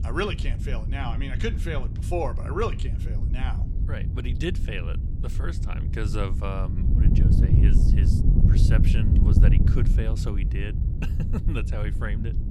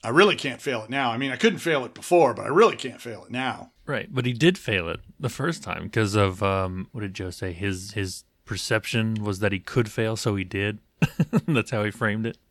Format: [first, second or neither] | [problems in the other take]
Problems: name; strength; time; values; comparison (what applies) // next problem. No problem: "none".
second | wind noise on the microphone; heavy; 4 dB below the speech